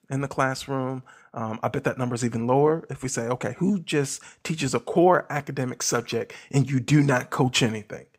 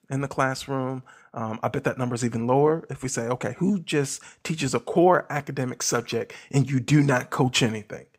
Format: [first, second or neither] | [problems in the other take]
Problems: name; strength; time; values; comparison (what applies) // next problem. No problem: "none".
neither | none